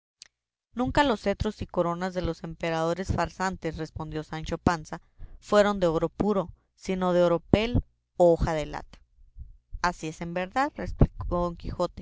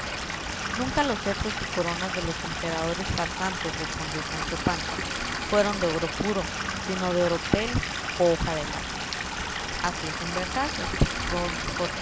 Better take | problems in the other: first | background sound (Stream / Liquid); 2 dB below the speech

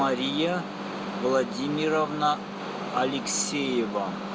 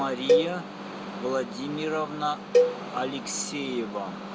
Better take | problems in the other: first | background sound (Cowbell); 3 dB above the speech

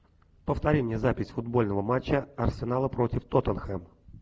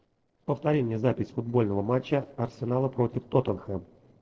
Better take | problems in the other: first | noise reduction (neural separator model SepFormer DNS4)

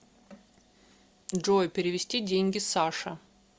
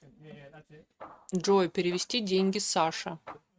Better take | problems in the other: first | noise reduction (neural mask model RNNoise)

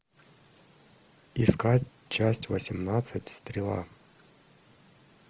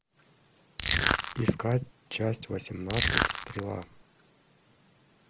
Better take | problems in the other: first | background sound (Crushing); 4 dB above the speech

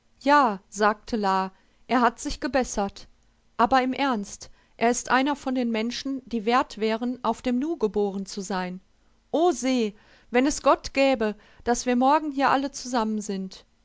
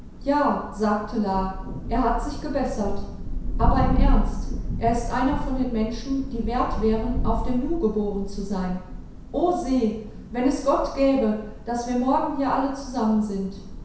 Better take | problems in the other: first | background sound (Thunder); 3 dB below the speech // room echo; dies away in 0.7 s

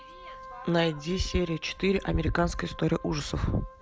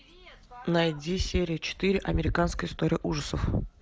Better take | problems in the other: second | background sound (Wind instrument, woodwind instrument); 19 dB below the speech

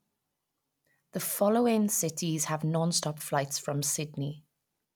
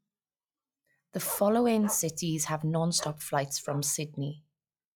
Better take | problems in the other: first | noise reduction (classical method log-MMSE)

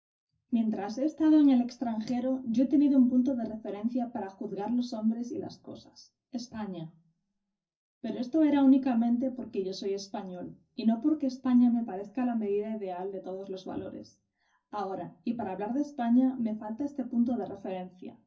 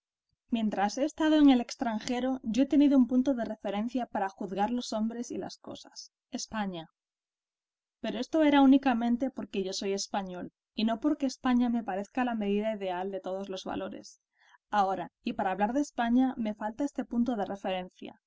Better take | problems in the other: second | room echo; dies away in 0.4 s

